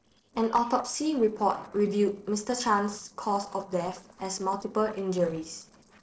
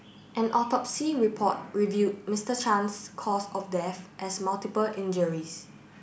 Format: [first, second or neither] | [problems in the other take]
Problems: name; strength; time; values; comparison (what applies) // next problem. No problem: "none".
second | noise reduction (neural separator model SepFormer DNS4)